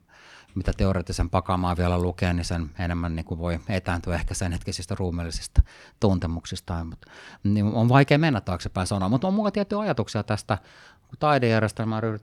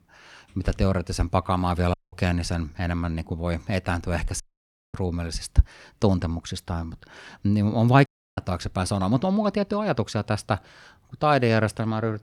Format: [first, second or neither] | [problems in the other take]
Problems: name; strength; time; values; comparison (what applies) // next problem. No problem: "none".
first | audio cutting out; at 2 s, at 4.5 s for 0.5 s and at 8 s